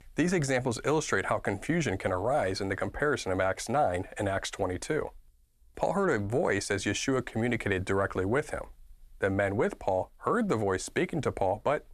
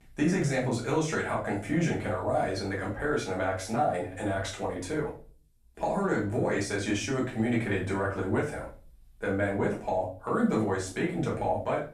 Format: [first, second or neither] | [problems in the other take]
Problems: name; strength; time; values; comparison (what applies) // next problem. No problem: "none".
first | off-mic speech; far // room echo; slight; dies away in 0.3 s